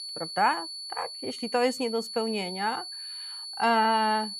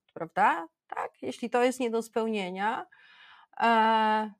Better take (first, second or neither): second